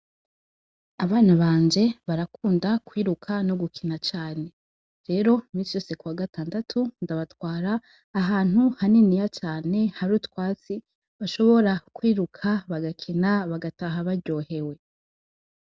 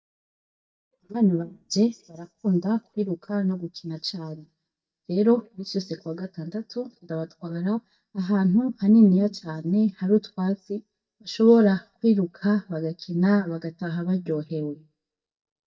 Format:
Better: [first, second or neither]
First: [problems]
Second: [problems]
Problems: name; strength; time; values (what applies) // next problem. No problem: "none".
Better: first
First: none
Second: noise reduction (neural mask model DeepFilterNet 3)